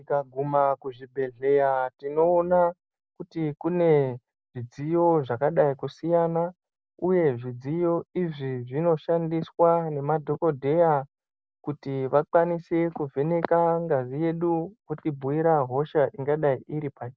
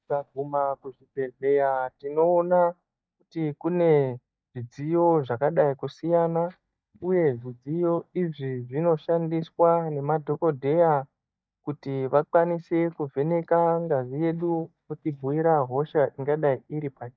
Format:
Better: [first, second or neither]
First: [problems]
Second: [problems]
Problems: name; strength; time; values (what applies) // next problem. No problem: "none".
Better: first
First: none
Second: noise reduction (neural mask model DeepFilterNet 3)